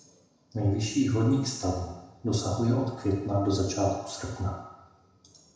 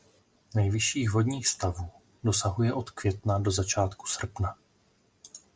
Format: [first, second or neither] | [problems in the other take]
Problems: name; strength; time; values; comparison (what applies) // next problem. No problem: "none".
second | room echo; dies away in 1 s